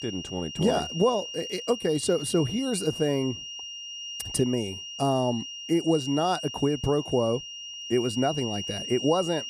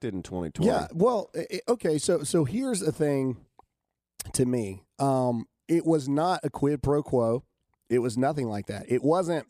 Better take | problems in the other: second | high-pitched whine; loud; throughout; 3 kHz, 8 dB below the speech

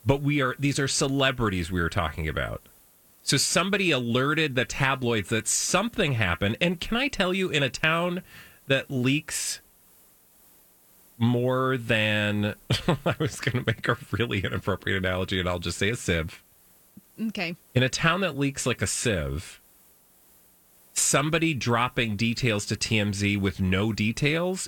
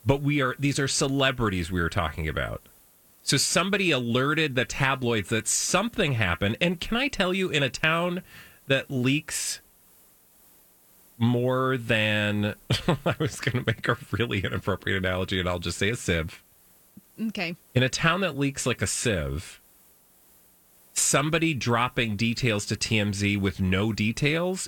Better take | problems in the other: neither | hiss; faint; throughout; 30 dB below the speech; the same in both

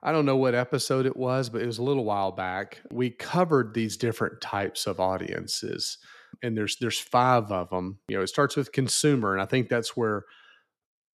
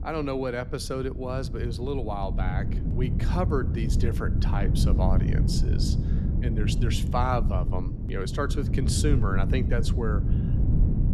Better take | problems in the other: first | wind noise on the microphone; heavy; 6 dB below the speech

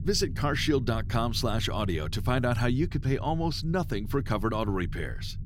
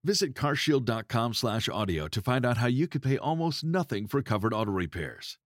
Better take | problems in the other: second | low rumble; faint; throughout; 20 dB below the speech

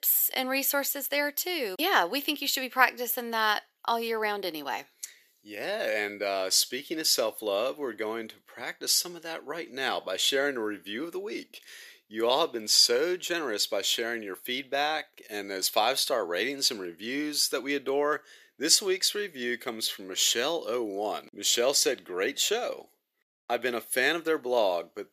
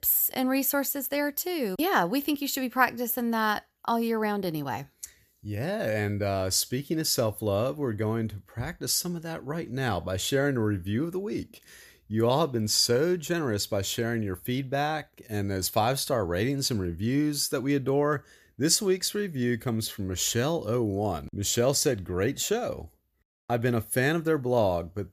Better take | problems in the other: second | thin; somewhat; fading below 350 Hz

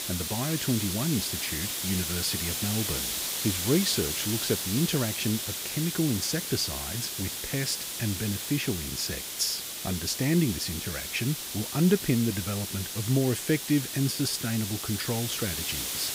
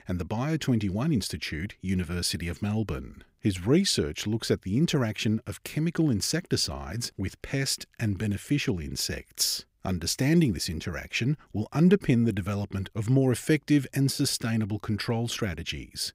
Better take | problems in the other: second | hiss; loud; throughout; 2 dB below the speech

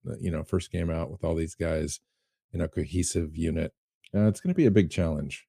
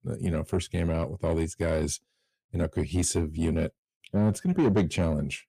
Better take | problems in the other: first | distortion; slight; 10 dB below the speech

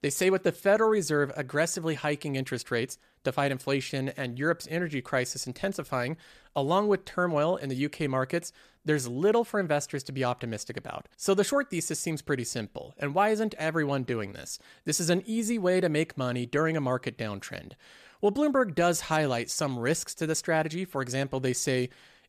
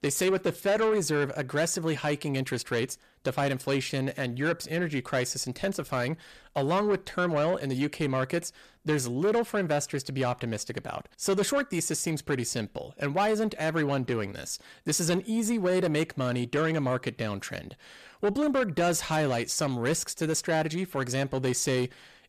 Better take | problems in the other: first | distortion; slight; 10 dB below the speech

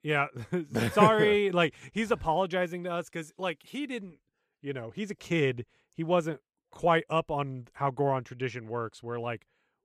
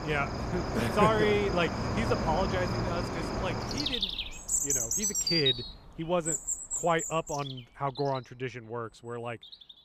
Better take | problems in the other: first | animal sounds; very loud; throughout; 1 dB above the speech

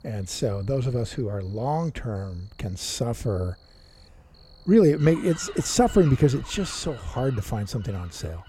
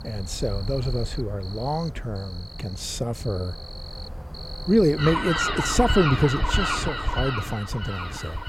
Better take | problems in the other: first | animal sounds; loud; throughout; 4 dB below the speech; faint in the first

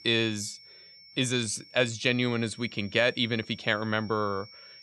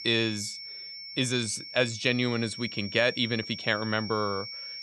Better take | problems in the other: first | high-pitched whine; loud; throughout; 5.5 kHz, 10 dB below the speech; faint in the first

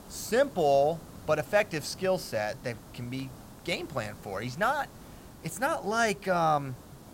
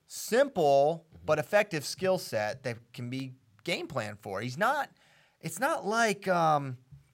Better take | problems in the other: second | hiss; noticeable; throughout; 20 dB below the speech

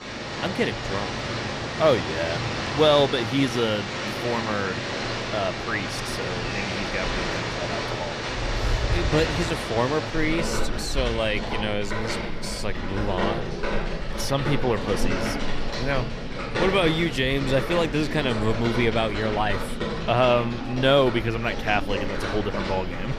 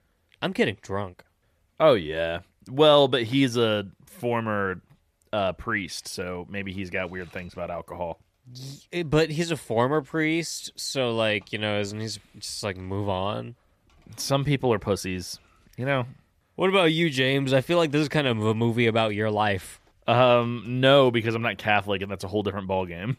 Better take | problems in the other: second | rain or running water; loud; throughout; 3 dB below the speech

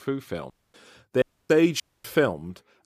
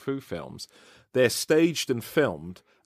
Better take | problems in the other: second | audio cutting out; at 0.5 s, at 1 s and at 2 s

